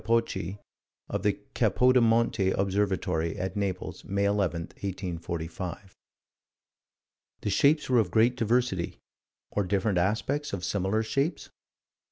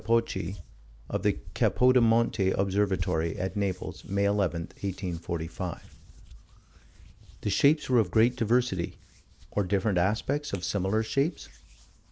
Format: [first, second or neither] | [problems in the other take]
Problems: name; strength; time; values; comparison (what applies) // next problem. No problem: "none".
first | background sound (Hands); 17 dB below the speech